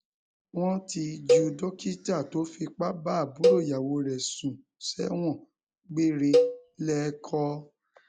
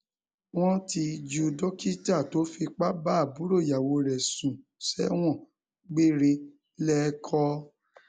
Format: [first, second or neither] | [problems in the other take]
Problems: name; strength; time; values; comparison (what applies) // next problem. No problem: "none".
second | background sound (Cowbell); 1 dB above the speech